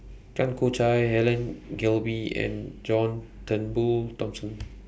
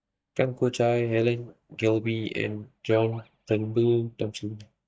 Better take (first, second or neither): first